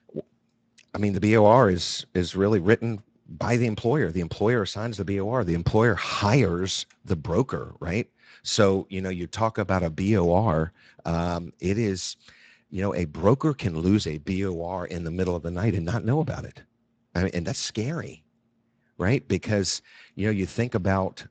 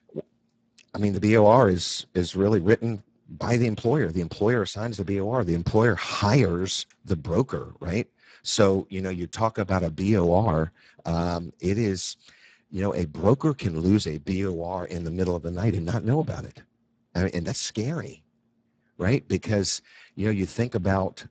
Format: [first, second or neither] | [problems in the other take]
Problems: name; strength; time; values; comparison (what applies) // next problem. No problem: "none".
first | garbled, watery; badly; nothing above 8 kHz; slightly in the first